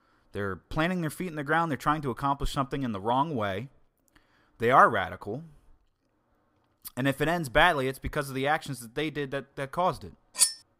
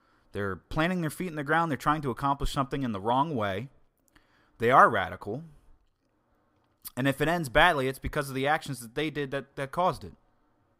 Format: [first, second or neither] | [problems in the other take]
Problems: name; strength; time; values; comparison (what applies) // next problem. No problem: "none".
second | clattering dishes; loud; at 10 s; peak 4 dB above the speech